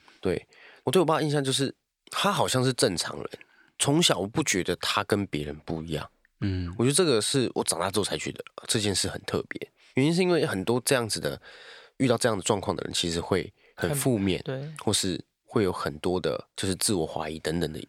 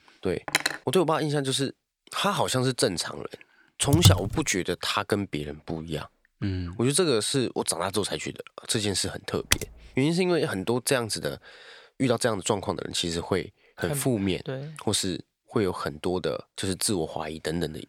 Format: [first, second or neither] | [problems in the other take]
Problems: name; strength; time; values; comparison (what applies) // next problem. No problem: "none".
first | clattering dishes; loud; at 0.5 s; peak 1 dB above the speech // keyboard typing; loud; at 4 s; peak 6 dB above the speech // keyboard typing; very faint; at 9.5 s; peak 1 dB above the speech